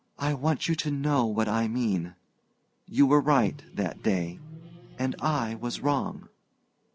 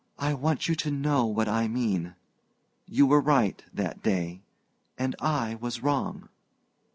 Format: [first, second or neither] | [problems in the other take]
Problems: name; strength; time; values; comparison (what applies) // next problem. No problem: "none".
second | background sound (Microwave oven); 17 dB below the speech